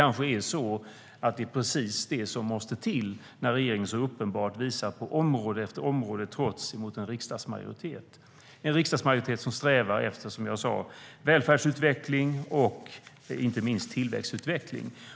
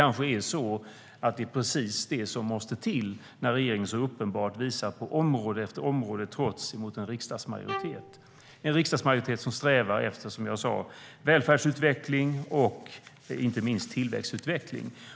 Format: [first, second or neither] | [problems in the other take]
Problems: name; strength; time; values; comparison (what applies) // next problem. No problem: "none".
first | background sound (Bowed string instrument); 14 dB below the speech